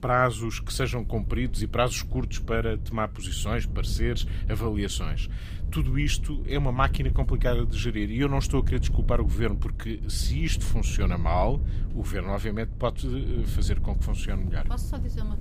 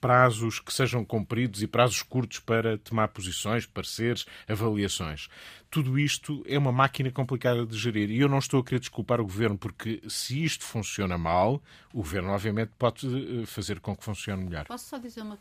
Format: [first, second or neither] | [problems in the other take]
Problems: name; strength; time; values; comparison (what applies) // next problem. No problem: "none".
second | wind noise on the microphone; occasional gusts; 15 dB below the speech